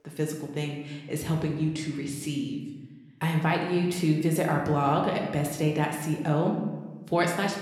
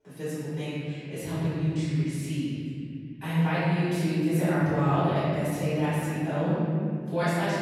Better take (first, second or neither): first